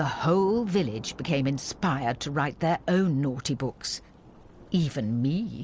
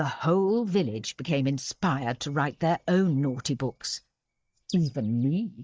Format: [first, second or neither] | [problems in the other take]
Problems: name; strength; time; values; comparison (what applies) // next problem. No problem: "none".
first | noise reduction (neural mask model DeepFilterNet 3)